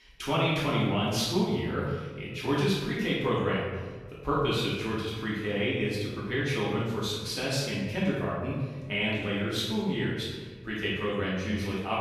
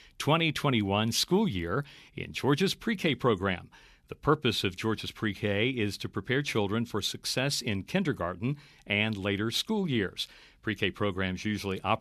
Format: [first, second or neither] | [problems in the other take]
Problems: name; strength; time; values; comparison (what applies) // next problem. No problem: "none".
second | room echo; noticeable; dies away in 1.2 s // off-mic speech; far